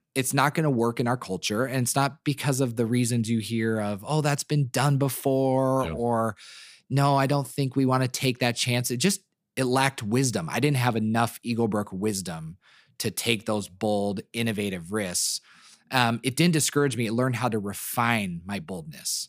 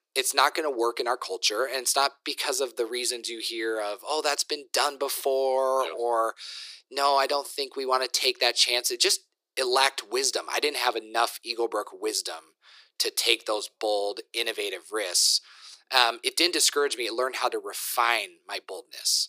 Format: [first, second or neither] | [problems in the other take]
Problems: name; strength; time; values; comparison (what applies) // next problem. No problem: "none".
first | thin; very; fading below 350 Hz